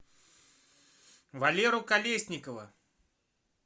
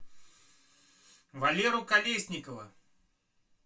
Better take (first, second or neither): first